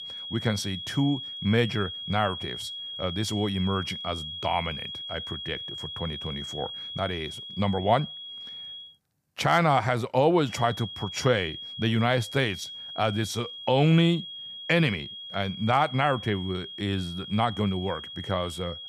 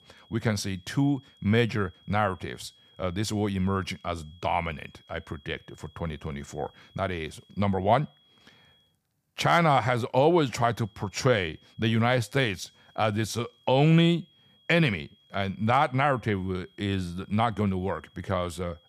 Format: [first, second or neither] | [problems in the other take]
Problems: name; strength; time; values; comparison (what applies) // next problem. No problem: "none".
second | high-pitched whine; loud; until 9 s and from 10 s on; 3.5 kHz, 9 dB below the speech; faint in the second